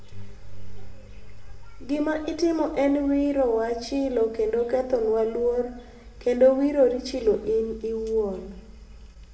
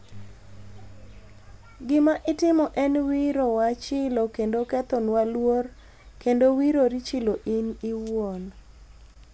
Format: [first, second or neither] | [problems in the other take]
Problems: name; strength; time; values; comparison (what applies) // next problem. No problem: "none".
second | room echo; dies away in 0.9 s